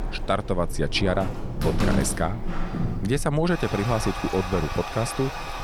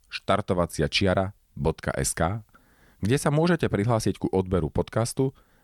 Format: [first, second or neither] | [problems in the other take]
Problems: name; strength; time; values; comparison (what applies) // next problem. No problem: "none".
second | household noises; loud; throughout; 5 dB below the speech